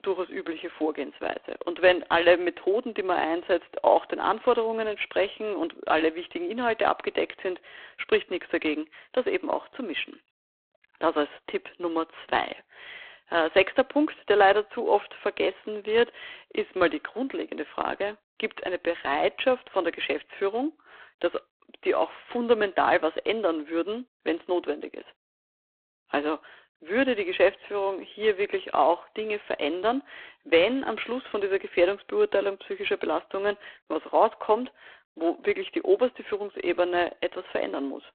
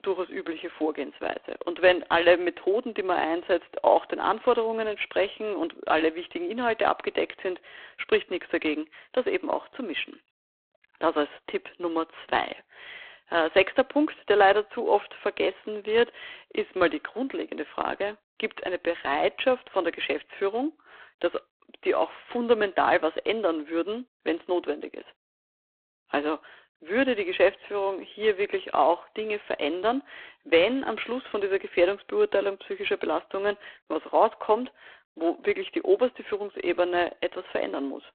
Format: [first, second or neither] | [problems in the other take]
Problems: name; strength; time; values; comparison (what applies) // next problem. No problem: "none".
neither | phone-call audio; poor line; the same in both